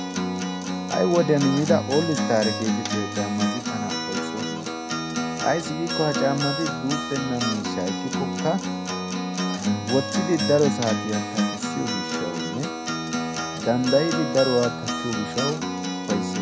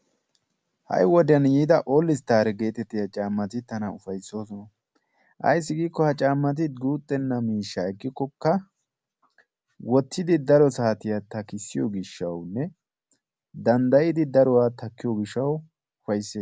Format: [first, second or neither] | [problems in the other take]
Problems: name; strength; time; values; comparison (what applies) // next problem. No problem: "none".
second | background sound (Acoustic guitar); 1 dB below the speech